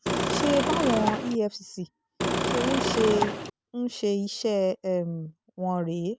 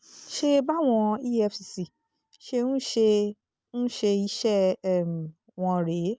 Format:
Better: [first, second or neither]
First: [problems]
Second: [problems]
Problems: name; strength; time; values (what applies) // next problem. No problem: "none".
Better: second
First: background sound (Engine / Car); 1 dB above the speech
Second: none